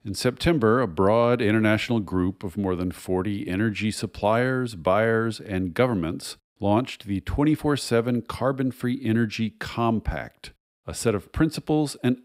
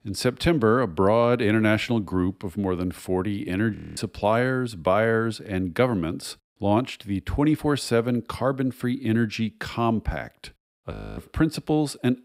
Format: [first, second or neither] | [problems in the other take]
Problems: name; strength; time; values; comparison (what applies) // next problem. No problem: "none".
first | audio freezing; at 4 s and at 11 s